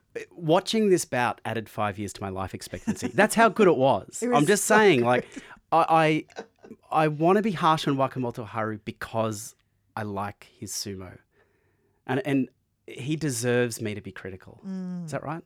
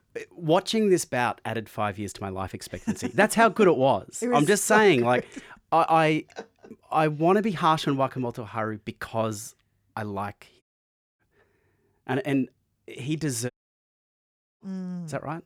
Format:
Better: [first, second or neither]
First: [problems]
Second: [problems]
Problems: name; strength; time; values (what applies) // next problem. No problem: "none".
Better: first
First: none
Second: audio cutting out; at 11 s for 0.5 s and at 14 s for 1 s